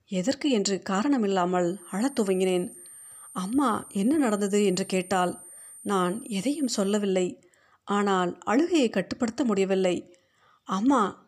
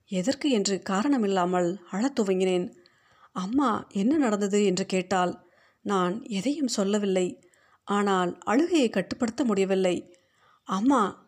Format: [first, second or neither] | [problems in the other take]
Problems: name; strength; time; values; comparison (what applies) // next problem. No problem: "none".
second | high-pitched whine; noticeable; from 2 to 7 s; 9 kHz, 15 dB below the speech